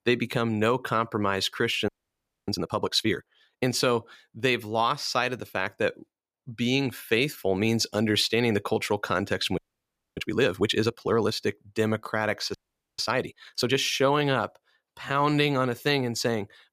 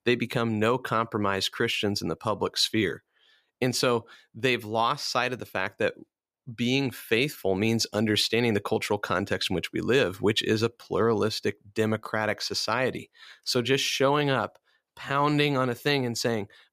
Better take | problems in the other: second | audio freezing; at 2 s for 0.5 s, at 9.5 s for 0.5 s and at 13 s

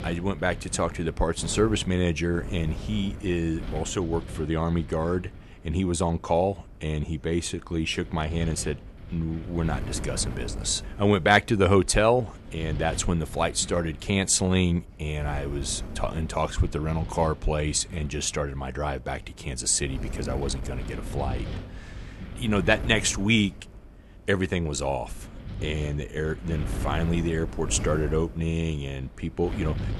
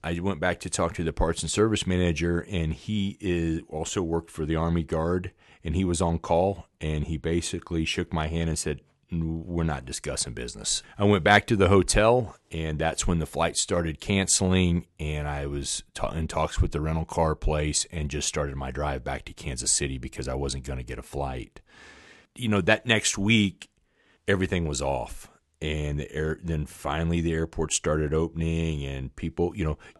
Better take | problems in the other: second | wind noise on the microphone; occasional gusts; 15 dB below the speech

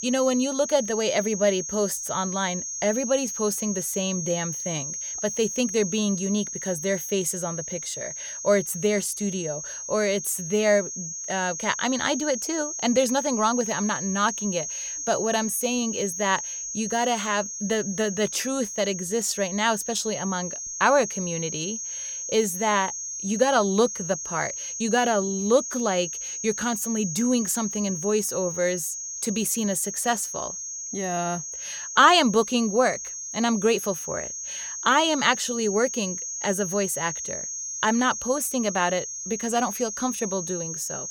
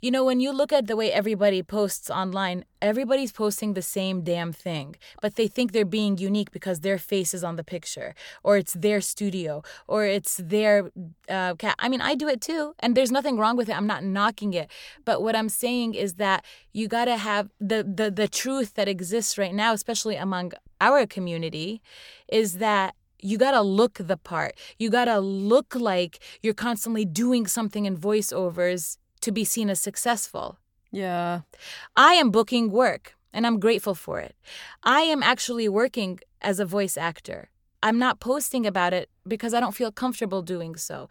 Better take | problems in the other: second | high-pitched whine; loud; throughout; 6.5 kHz, 5 dB below the speech

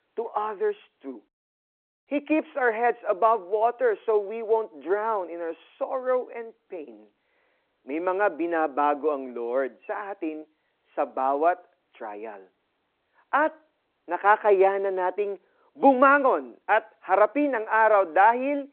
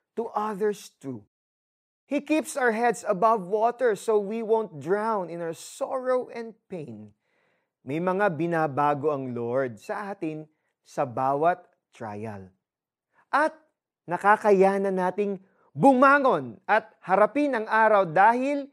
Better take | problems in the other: second | phone-call audio

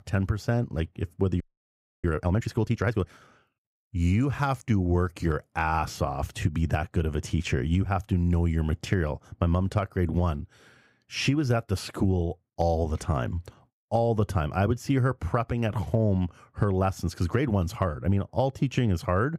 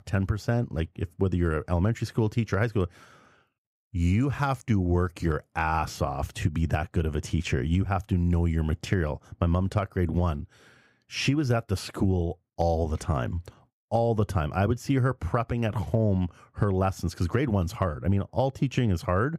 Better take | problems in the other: second | audio freezing; at 1.5 s for 0.5 s

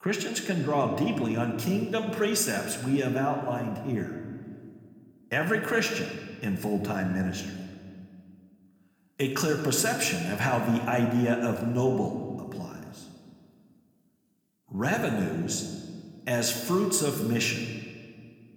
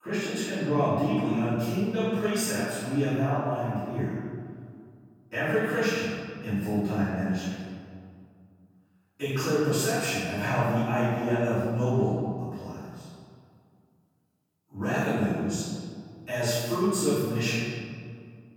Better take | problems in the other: first | room echo; strong; dies away in 1.9 s; slight in the first // off-mic speech; far

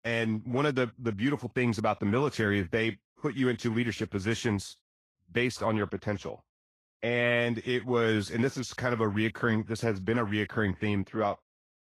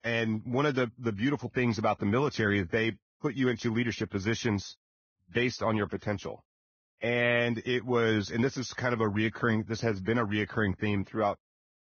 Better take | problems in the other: first | garbled, watery; badly; nothing above 6.5 kHz; slightly in the first

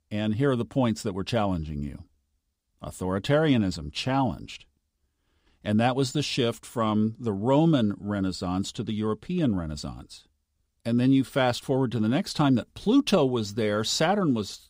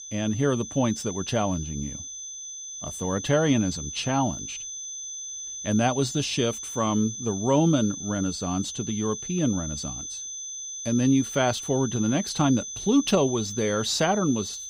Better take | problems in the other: first | high-pitched whine; loud; throughout; 6 kHz, 8 dB below the speech

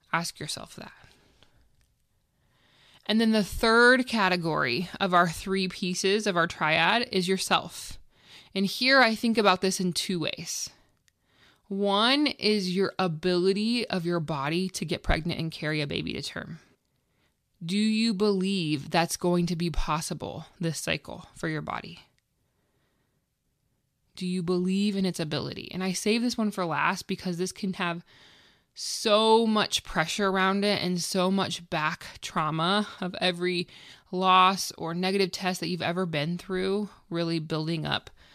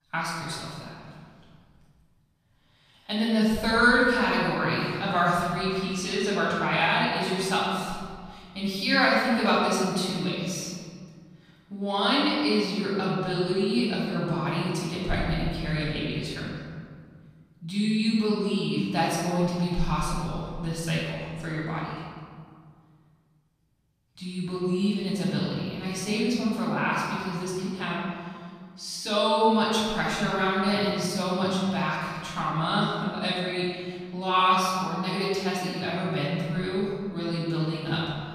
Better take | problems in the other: first | off-mic speech; far // room echo; strong; dies away in 1.8 s

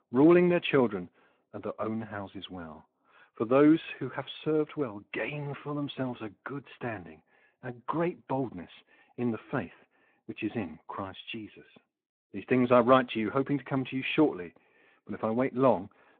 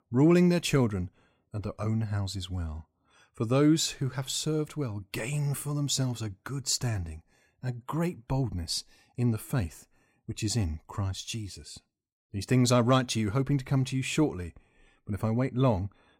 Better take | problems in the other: second | phone-call audio; nothing above 3.5 kHz

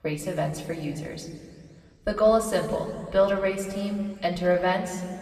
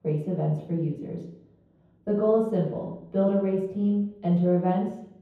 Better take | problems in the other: first | room echo; strong; dies away in 0.9 s; slight in the first // off-mic speech; far; somewhat distant in the first

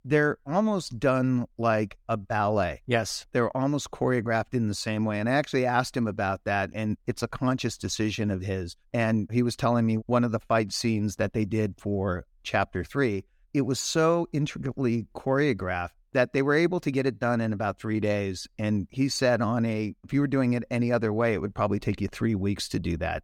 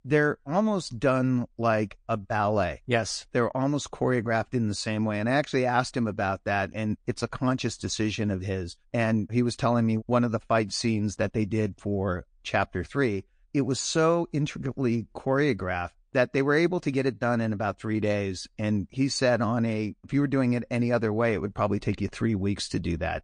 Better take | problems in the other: first | garbled, watery; slightly; nothing above 9 kHz

